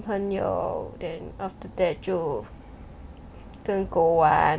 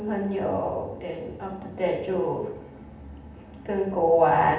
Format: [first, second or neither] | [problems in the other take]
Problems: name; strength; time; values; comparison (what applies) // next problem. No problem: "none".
first | room echo; dies away in 0.8 s